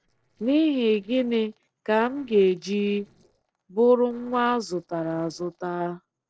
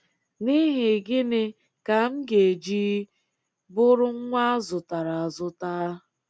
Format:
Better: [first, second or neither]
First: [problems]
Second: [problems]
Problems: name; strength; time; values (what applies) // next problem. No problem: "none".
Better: second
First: noise reduction (neural separator model SepFormer DNS4)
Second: none